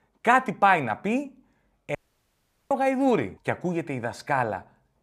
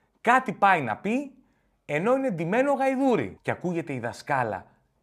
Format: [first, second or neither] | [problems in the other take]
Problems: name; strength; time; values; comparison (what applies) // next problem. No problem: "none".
second | audio cutting out; at 2 s for 1 s